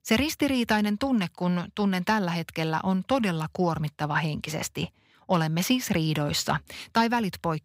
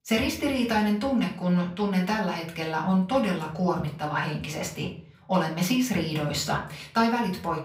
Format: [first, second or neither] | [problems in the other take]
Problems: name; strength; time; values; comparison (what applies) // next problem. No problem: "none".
first | off-mic speech; far // room echo; slight; dies away in 0.4 s